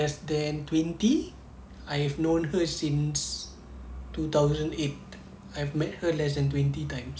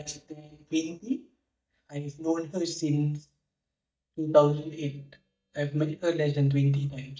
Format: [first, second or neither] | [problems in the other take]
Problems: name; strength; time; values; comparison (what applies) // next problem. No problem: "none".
first | noise reduction (neural mask model DeepFilterNet 3)